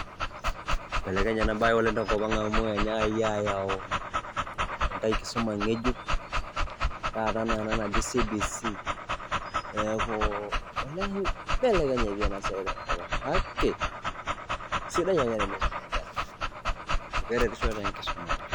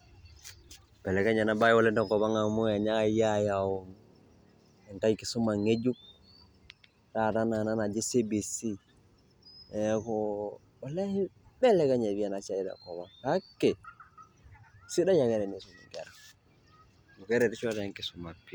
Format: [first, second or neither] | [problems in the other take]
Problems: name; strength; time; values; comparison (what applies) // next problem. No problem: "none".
second | background sound (Dog); 1 dB above the speech